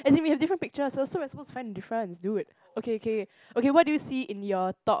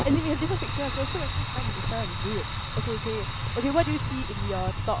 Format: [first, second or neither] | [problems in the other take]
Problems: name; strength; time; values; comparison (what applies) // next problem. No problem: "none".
first | background sound (Fire); 1 dB above the speech